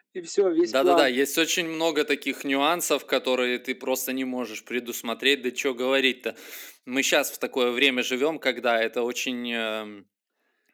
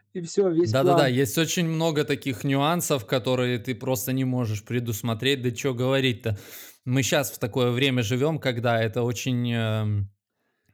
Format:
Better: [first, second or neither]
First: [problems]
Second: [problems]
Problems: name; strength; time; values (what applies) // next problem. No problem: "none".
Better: second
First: thin; very slightly; fading below 250 Hz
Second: none